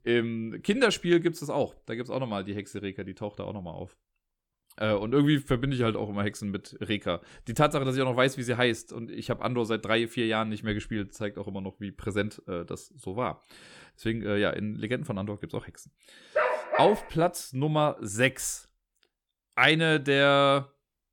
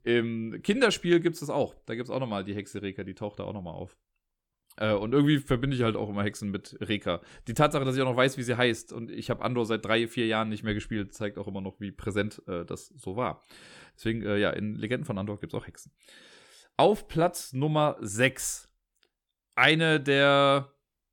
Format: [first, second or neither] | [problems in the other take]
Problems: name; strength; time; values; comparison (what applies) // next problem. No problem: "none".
second | dog barking; loud; at 16 s; peak 1 dB above the speech